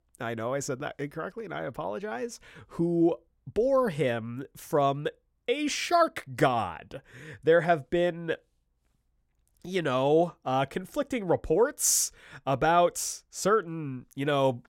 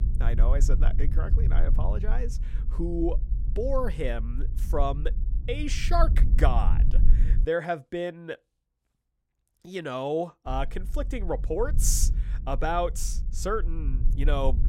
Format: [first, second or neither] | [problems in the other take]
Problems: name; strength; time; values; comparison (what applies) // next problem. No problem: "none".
first | low rumble; noticeable; until 7.5 s and from 10 s on; 15 dB below the speech